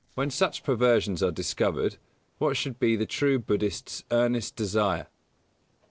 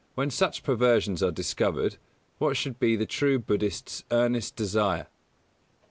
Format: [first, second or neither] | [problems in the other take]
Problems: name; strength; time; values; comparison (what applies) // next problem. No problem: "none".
second | noise reduction (neural separator model SepFormer DNS4)